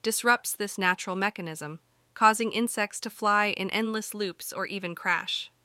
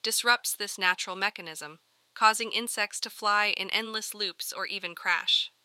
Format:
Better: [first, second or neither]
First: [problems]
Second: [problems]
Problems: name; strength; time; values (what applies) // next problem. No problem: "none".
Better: first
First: none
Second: thin; somewhat; fading below 800 Hz